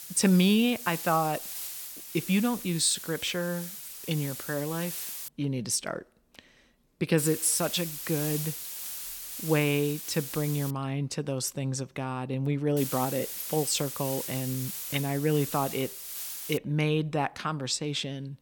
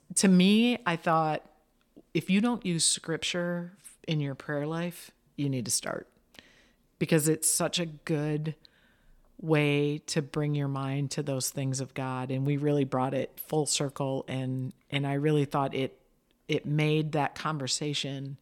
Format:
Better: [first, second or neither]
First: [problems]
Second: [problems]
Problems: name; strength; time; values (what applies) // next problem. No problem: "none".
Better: second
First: hiss; loud; until 5.5 s, from 7 to 11 s and from 13 to 17 s; 7 dB below the speech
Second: none